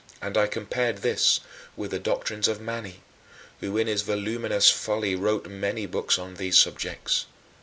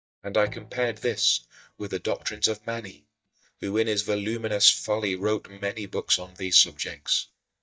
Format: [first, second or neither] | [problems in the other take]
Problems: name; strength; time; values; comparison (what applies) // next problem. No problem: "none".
first | noise reduction (neural mask model DeepFilterNet 3)